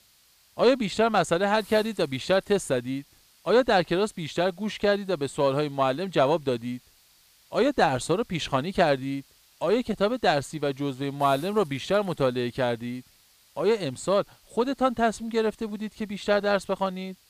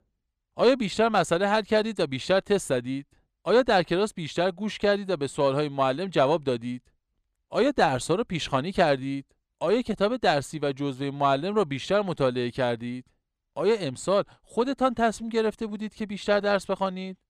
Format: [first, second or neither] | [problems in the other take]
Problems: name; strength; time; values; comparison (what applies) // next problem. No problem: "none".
second | hiss; faint; throughout; 30 dB below the speech